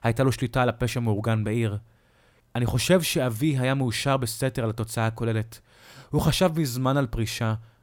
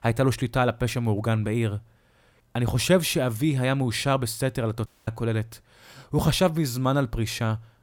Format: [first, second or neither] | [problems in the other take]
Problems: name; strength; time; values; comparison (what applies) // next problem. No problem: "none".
first | audio cutting out; at 5 s